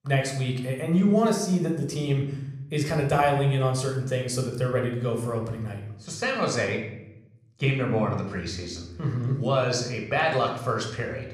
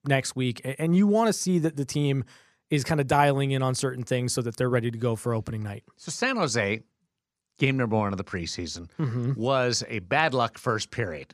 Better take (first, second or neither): second